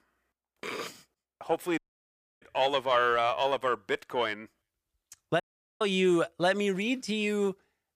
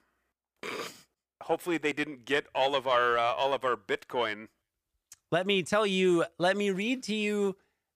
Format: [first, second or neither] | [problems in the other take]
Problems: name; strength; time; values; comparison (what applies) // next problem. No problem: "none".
second | audio cutting out; at 2 s for 0.5 s and at 5.5 s